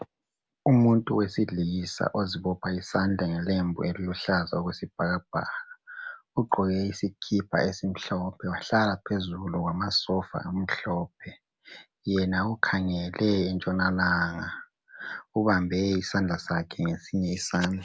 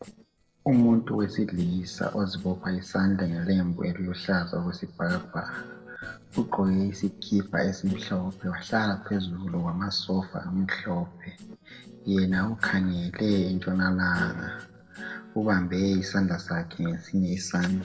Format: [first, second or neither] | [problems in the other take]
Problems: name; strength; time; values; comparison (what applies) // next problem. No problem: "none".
first | noise reduction (neural separator model SepFormer DNS4)